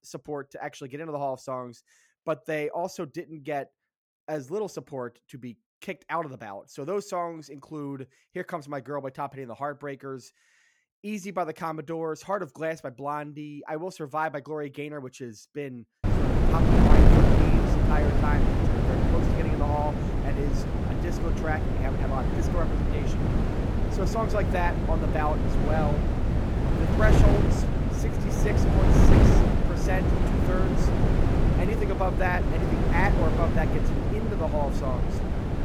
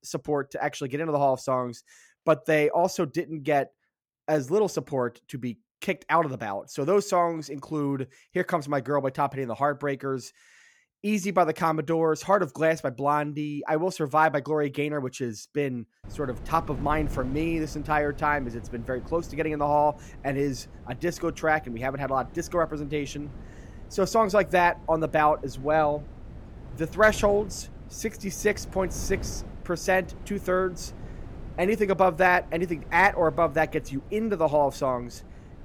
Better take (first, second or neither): second